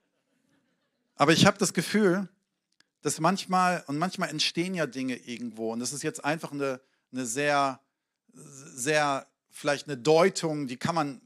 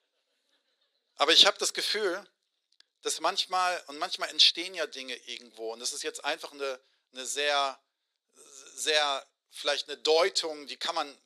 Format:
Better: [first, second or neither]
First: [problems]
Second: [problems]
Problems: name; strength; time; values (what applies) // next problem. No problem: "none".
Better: first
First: none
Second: thin; very; fading below 400 Hz